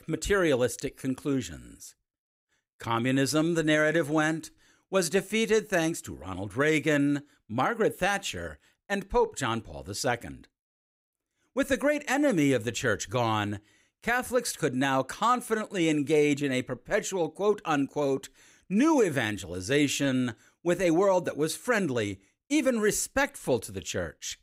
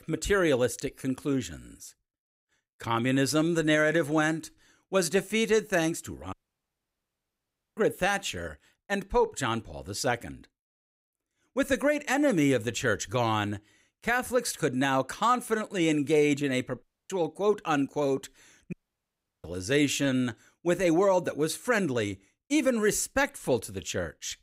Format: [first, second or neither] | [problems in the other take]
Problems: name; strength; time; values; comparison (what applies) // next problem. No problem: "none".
first | audio cutting out; at 6.5 s for 1.5 s, at 17 s and at 19 s for 0.5 s